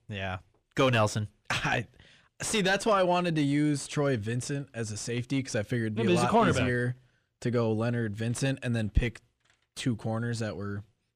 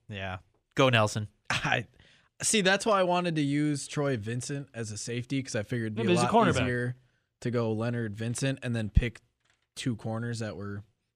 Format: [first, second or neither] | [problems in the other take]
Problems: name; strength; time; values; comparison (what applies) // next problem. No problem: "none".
second | distortion; slight; 10 dB below the speech